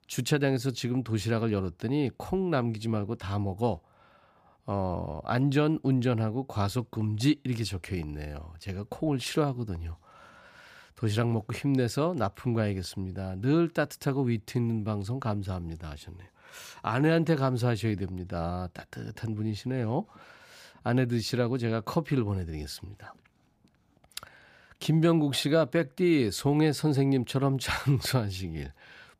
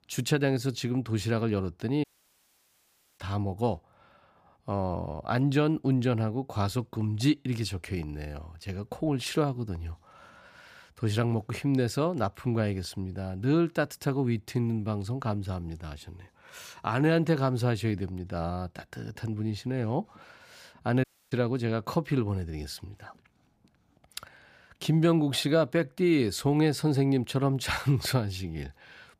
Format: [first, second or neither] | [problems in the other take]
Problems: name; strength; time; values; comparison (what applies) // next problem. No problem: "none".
first | audio cutting out; at 2 s for 1 s and at 21 s